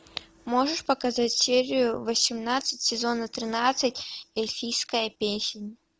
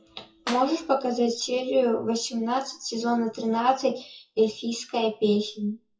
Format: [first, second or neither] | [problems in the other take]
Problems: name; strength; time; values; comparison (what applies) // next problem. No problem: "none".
first | noise reduction (classical method WPE with log-MMSE)